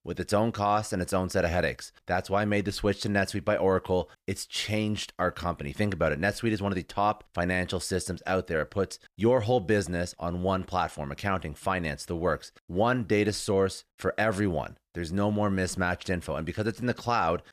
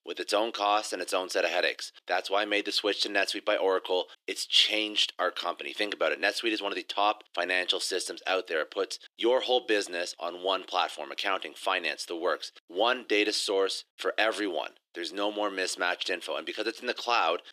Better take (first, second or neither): first